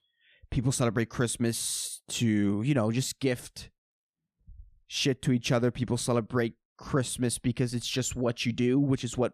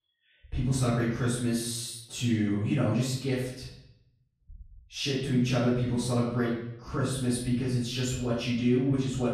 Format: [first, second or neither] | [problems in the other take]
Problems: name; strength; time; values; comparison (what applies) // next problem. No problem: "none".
first | room echo; noticeable; dies away in 0.7 s // off-mic speech; far